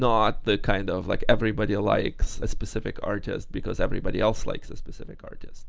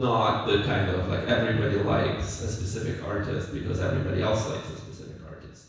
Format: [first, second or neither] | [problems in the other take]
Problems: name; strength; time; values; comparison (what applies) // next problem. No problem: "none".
first | room echo; dies away in 1.1 s